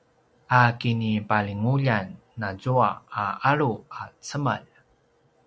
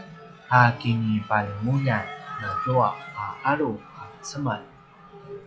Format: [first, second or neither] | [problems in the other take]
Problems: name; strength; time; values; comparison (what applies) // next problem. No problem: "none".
first | noise reduction (classical method log-MMSE)